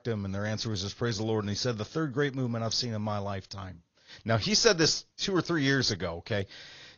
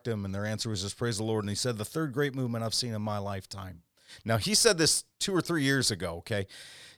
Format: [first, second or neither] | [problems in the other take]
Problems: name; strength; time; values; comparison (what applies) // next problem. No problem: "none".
second | garbled, watery; slightly; nothing above 6.5 kHz